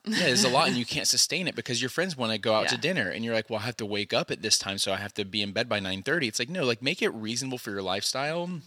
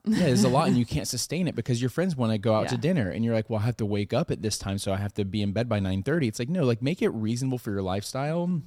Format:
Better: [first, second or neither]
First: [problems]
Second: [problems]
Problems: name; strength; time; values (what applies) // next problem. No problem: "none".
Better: second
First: thin; somewhat; fading below 500 Hz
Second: none